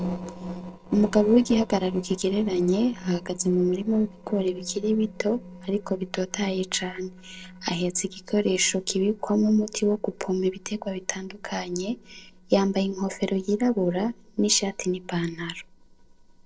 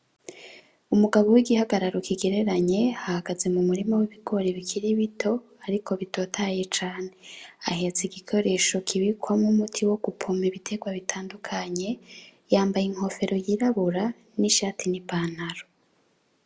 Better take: second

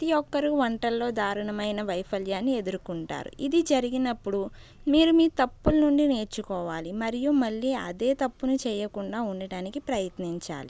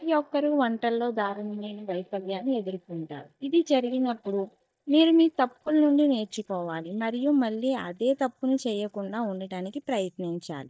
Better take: first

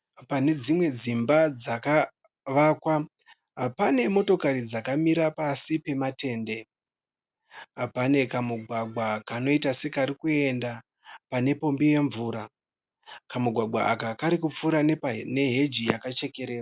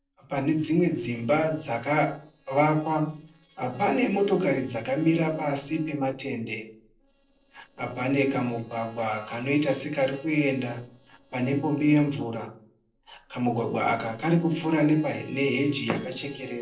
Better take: first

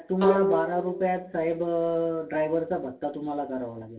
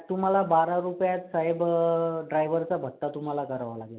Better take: second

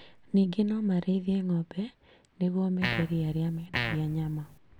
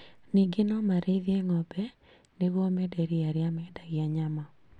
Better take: second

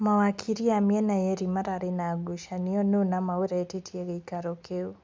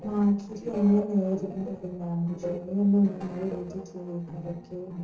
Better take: first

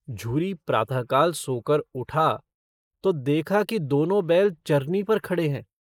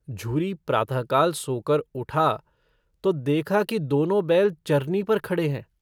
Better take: second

